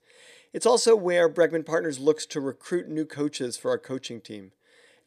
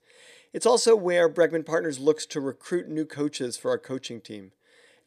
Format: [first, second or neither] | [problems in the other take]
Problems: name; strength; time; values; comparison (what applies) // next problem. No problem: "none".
neither | none